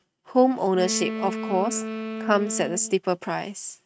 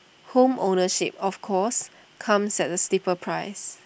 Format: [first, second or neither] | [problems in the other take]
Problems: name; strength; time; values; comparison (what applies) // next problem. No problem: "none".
second | noise reduction (neural mask model RNNoise)